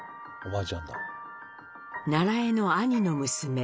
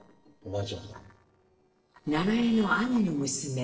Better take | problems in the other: first | noise reduction (neural separator model SepFormer DNS4)

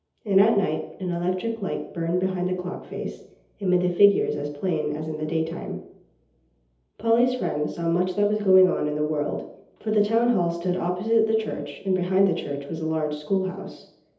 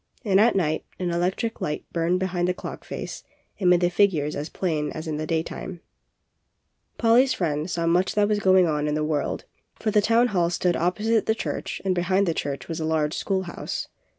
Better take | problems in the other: second | room echo; dies away in 0.8 s

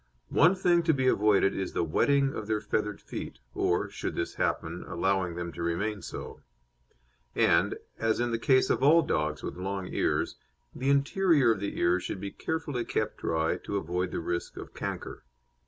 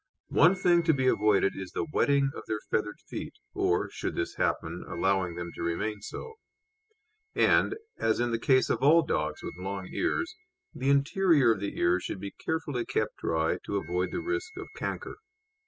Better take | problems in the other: first | noise reduction (classical method spectral subtraction)

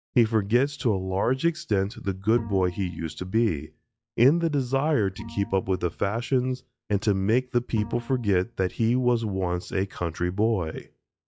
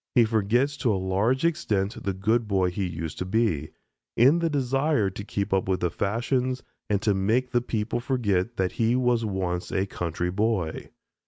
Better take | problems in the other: second | noise reduction (classical method log-MMSE)

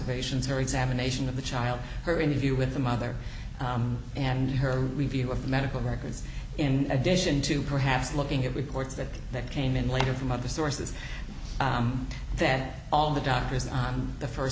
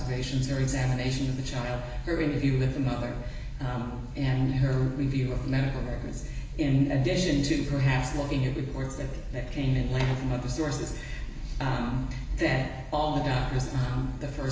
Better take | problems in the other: first | room echo; dies away in 0.9 s

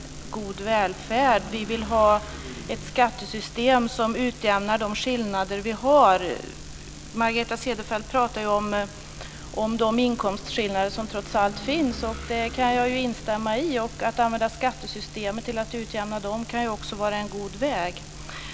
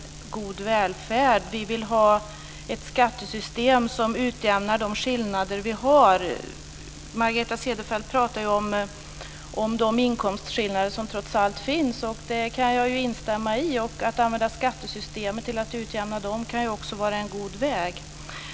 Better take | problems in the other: second | background sound (Engine / Vehicle); 18 dB below the speech

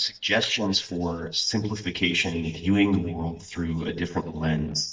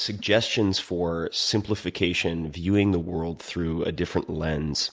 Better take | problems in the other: second | noise reduction (neural mask model DeepFilterNet 3)

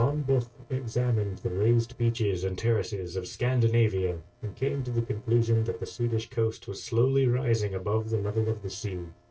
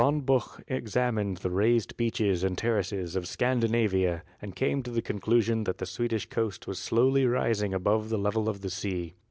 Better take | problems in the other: second | noise reduction (neural separator model SepFormer DNS4)

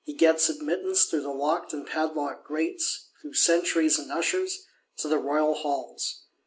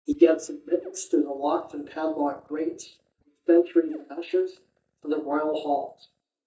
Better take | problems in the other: first | noise reduction (neural mask model DeepFilterNet 3)

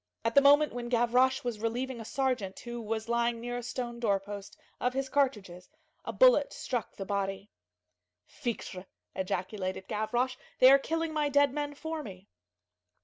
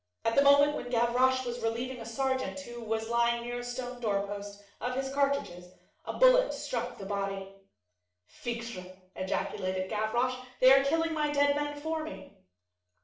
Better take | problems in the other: first | room echo; dies away in 0.5 s

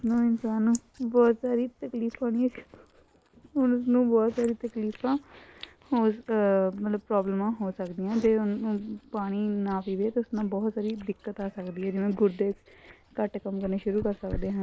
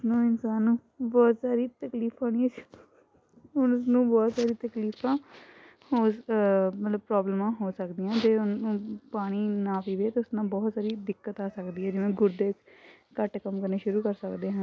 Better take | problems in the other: second | noise reduction (neural mask model Resemble Enhance denoiser)

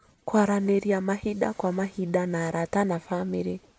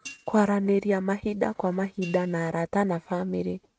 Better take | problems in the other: first | noise reduction (neural mask model RNNoise)

